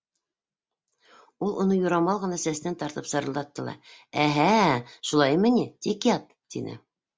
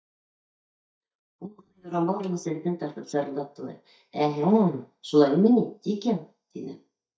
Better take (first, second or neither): first